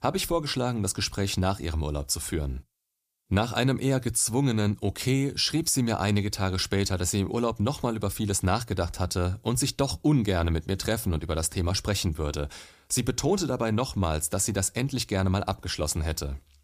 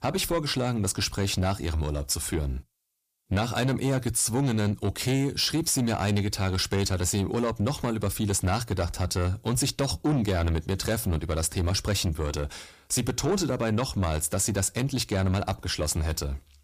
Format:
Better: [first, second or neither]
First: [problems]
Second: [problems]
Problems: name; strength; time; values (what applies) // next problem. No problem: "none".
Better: first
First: none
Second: distortion; slight; 10 dB below the speech